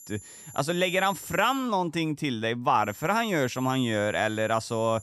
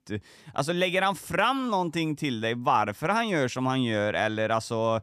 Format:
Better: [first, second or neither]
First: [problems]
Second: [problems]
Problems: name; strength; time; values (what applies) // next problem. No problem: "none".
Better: second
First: high-pitched whine; noticeable; until 1.5 s and from 3 s on; 7.5 kHz, 20 dB below the speech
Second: none